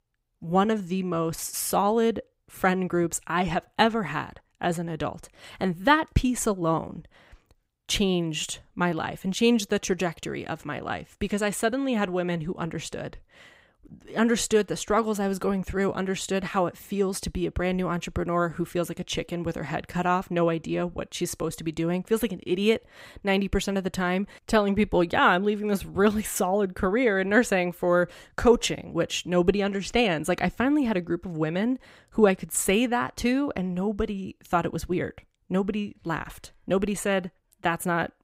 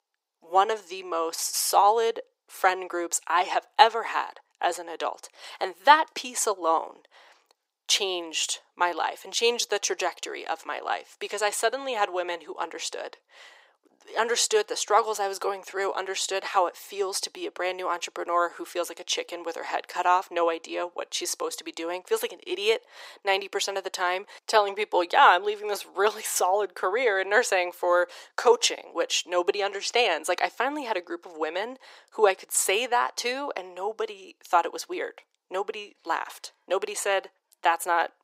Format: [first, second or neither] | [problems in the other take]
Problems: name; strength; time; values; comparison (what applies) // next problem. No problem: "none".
first | thin; very; fading below 400 Hz